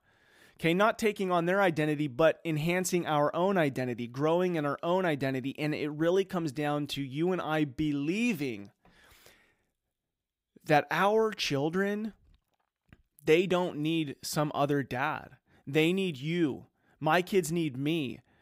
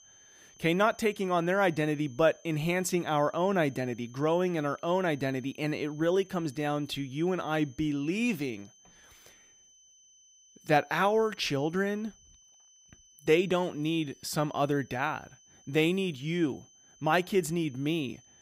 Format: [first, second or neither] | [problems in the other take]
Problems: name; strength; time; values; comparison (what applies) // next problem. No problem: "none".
first | high-pitched whine; faint; throughout; 6 kHz, 25 dB below the speech